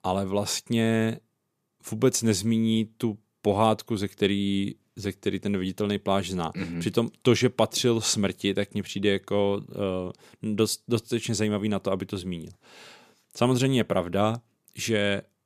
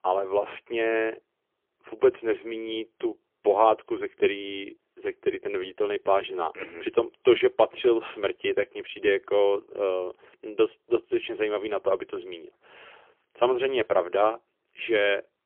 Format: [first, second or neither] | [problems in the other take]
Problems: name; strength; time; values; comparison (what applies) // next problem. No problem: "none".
first | phone-call audio; poor line; nothing above 3.5 kHz